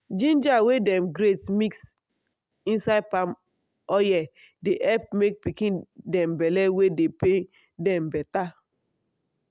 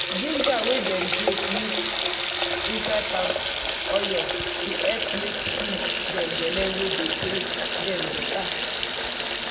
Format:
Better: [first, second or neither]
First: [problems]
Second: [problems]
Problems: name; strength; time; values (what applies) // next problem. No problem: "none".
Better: first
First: none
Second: background sound (Water tap, faucet); 4 dB above the speech // room echo; dies away in 1 s